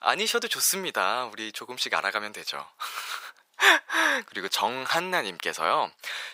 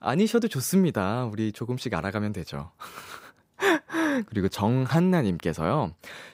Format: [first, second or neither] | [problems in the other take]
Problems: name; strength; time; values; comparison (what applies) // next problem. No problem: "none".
second | thin; very; fading below 900 Hz